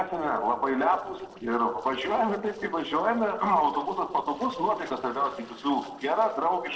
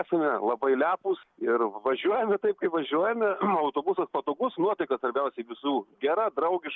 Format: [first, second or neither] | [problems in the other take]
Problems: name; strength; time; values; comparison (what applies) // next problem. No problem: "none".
second | noise reduction (neural separator model SepFormer DNS4)